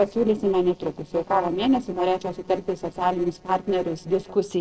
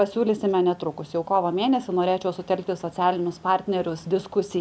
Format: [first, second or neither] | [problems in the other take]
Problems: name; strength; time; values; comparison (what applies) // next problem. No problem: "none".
second | noise reduction (neural separator model SepFormer DNS4)